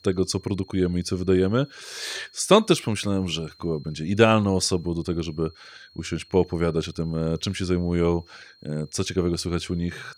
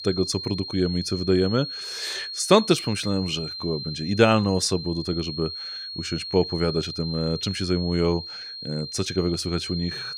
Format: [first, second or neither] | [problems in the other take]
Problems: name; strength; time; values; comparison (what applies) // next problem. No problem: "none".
first | high-pitched whine; loud; throughout; 4.5 kHz, 8 dB below the speech; faint in the first